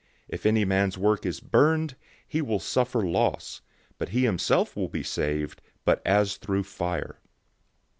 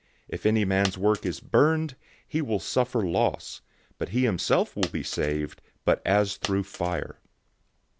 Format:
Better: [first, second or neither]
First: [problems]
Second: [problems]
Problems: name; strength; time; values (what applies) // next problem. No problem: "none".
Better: first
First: none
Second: background sound (Coin (dropping)); 15 dB below the speech